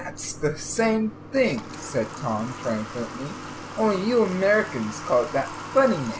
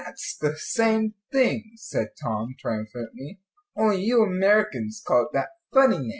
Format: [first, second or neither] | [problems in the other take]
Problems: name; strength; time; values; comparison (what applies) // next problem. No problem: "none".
second | background sound (Water tap, faucet / Water); 12 dB below the speech